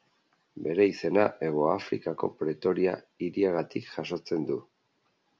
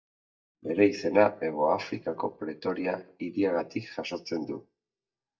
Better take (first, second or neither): first